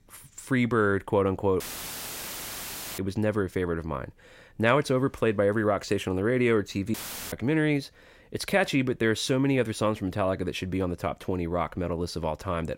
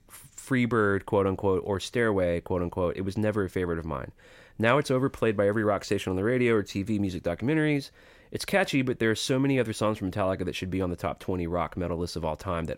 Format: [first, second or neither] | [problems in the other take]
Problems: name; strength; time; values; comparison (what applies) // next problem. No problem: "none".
second | audio cutting out; filled with static; at 1.5 s for 1.5 s and at 7 s